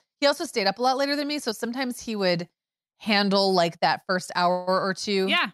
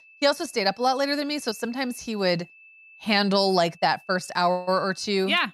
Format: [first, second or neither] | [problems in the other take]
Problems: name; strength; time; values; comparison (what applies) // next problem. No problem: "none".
first | high-pitched whine; faint; throughout; 2.5 kHz, 25 dB below the speech